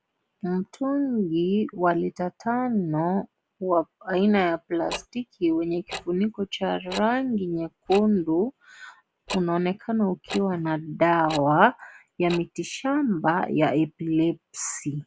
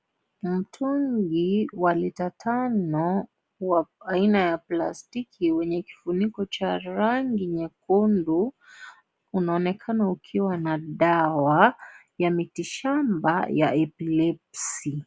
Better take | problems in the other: second | background sound (Tick-tock); 16 dB below the speech

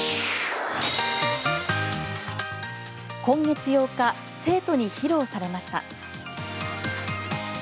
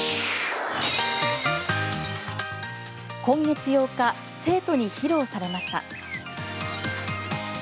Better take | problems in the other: first | background sound (Bird); 16 dB below the speech

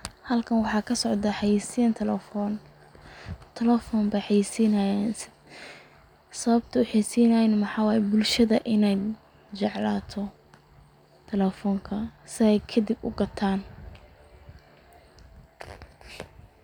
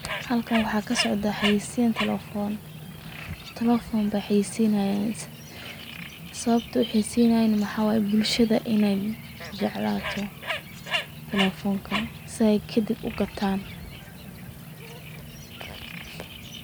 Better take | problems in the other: first | background sound (Bird); 10 dB below the speech

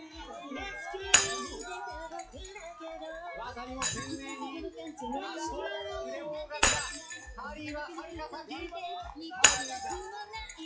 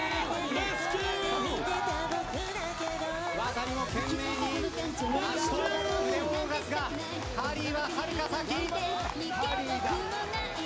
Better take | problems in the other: second | noise reduction (classical method log-MMSE)

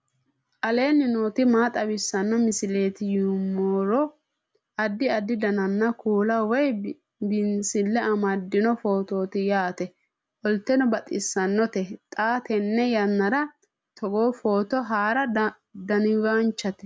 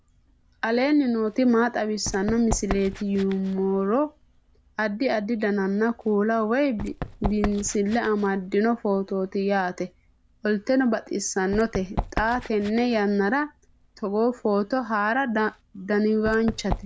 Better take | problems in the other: first | background sound (Run); 13 dB below the speech

